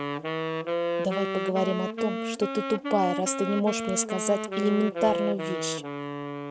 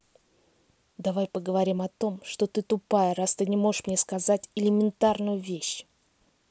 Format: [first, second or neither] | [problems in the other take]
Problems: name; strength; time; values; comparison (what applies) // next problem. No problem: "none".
second | background sound (Wind instrument, woodwind instrument); 2 dB below the speech